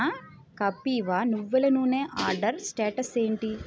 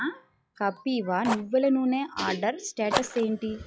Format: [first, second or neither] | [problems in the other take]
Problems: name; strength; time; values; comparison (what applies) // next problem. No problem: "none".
first | noise reduction (classical method log-MMSE)